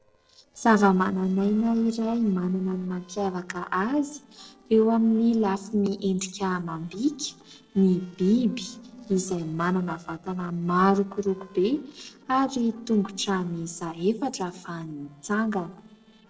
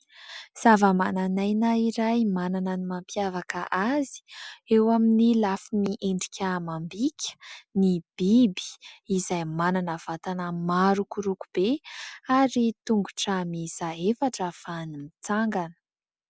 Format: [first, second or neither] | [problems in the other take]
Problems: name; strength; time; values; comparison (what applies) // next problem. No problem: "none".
second | noise reduction (neural separator model SepFormer DNS4)